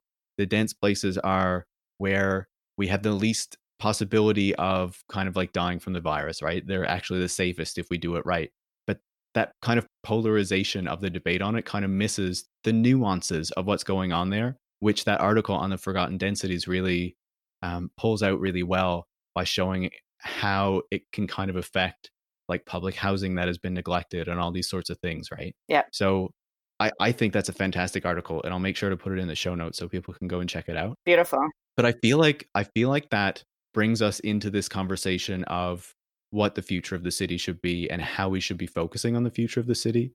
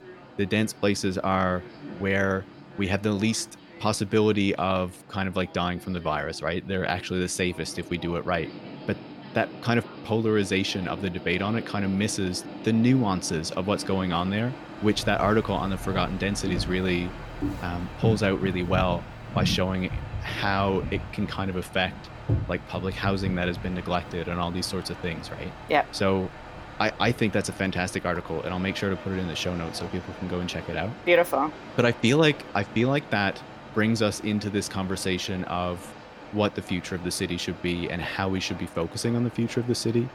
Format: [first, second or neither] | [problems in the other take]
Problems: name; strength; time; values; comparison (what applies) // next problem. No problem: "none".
first | train or aircraft noise; noticeable; throughout; 10 dB below the speech